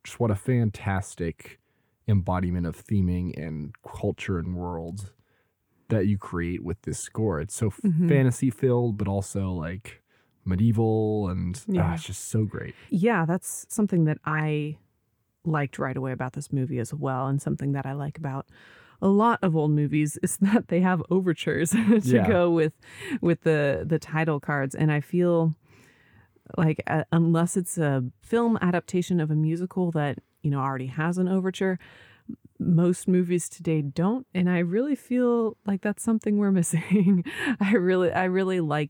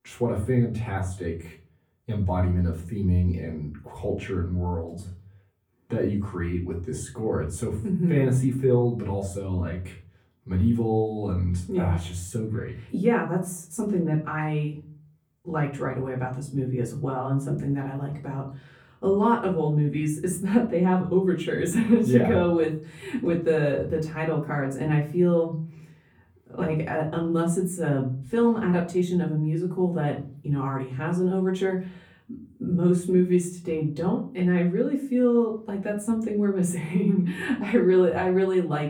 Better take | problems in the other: first | room echo; slight; dies away in 0.4 s // off-mic speech; far

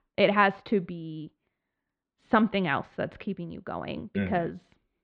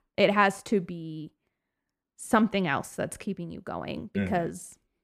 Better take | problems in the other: second | muffled; slightly; fading above 4 kHz

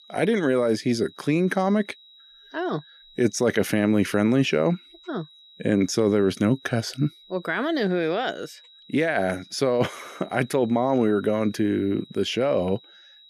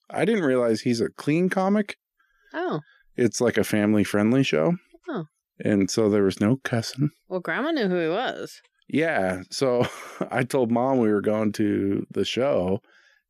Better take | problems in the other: second | high-pitched whine; faint; throughout; 4 kHz, 25 dB below the speech

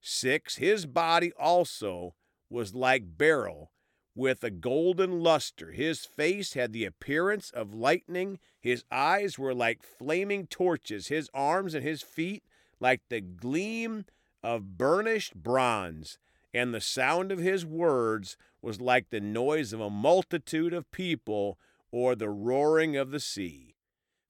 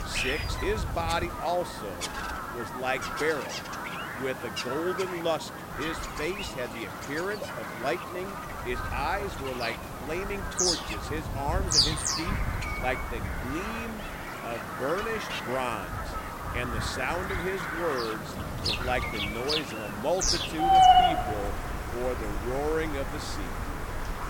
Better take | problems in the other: first | animal sounds; very loud; throughout; 3 dB above the speech

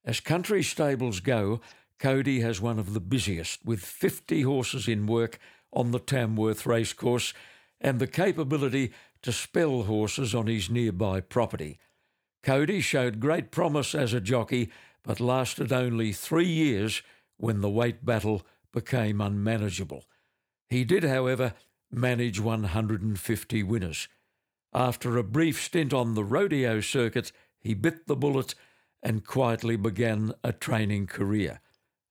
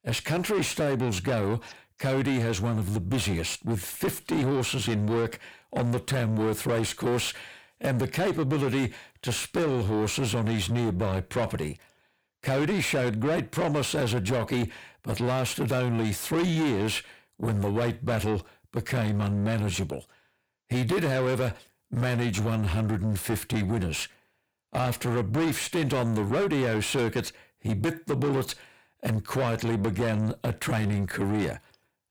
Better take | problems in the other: first | distortion; heavy; 7 dB below the speech

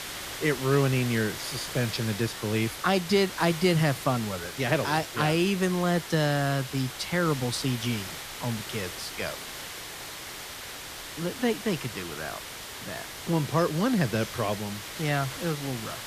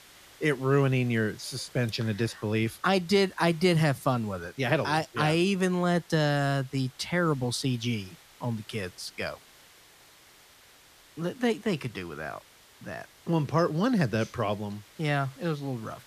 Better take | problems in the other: second | hiss; loud; throughout; 9 dB below the speech; faint in the second

